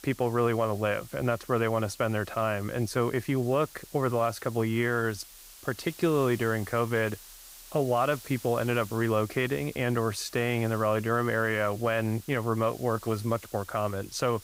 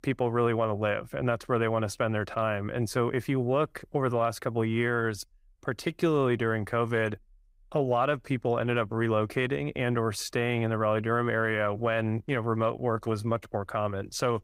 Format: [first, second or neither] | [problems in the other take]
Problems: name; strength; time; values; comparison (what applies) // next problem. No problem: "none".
second | hiss; noticeable; throughout; 20 dB below the speech